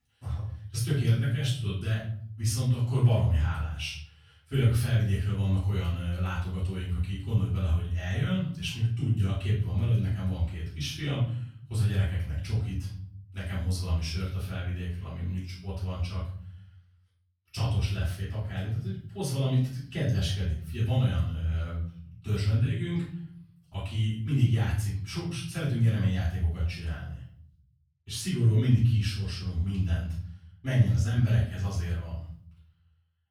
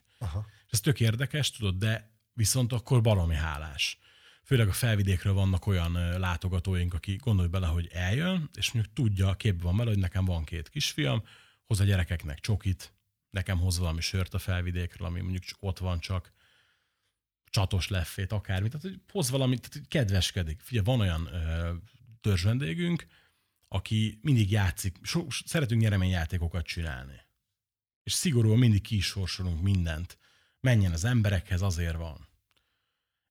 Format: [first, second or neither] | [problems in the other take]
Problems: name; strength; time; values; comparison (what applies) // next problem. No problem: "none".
second | off-mic speech; far // room echo; noticeable; dies away in 0.8 s